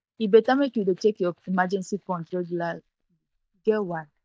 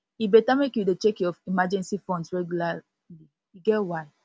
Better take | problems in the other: second | noise reduction (neural mask model DeepFilterNet 3)

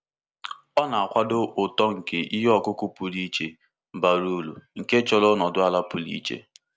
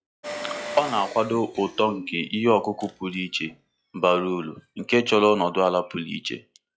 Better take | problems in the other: first | noise reduction (classical method log-MMSE)

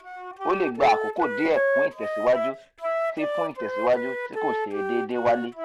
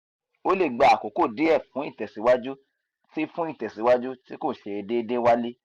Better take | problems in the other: second | background sound (Wind instrument, woodwind instrument); 2 dB below the speech

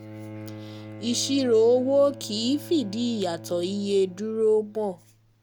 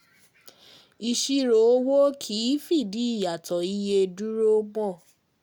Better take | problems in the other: second | background sound (Bowed string instrument); 16 dB below the speech

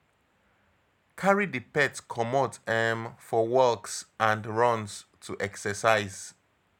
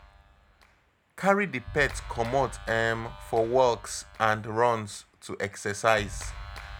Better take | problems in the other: first | background sound (Clapping); 15 dB below the speech

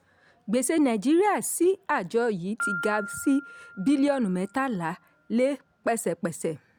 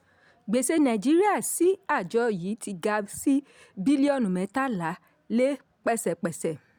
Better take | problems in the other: second | background sound (Piano); 15 dB below the speech

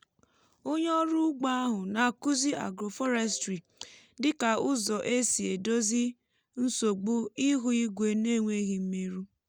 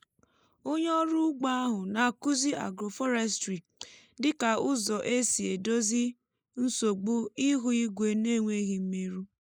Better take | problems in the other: first | noise reduction (neural mask model Resemble Enhance denoiser)

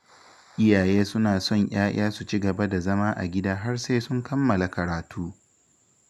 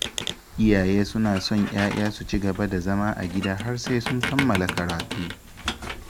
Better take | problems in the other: first | background sound (Squeak); 8 dB below the speech

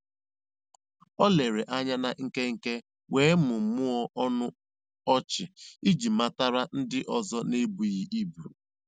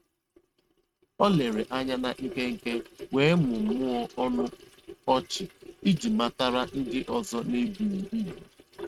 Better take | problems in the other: first | noise reduction (neural mask model RNNoise)

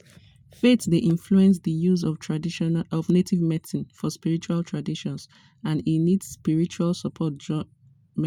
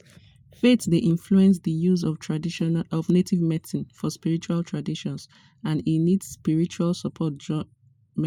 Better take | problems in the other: first | noise reduction (neural mask model Resemble Enhance denoiser)

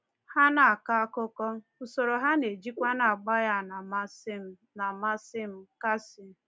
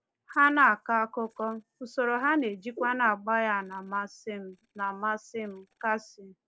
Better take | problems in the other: first | noise reduction (neural separator model SepFormer DNS4)

